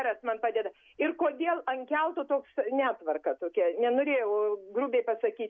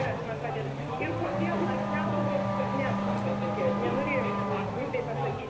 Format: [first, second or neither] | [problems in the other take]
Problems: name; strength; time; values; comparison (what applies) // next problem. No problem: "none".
first | background sound (Race car, auto racing / Accelerating, revving, vroom); 4 dB above the speech // room echo; dies away in 0.7 s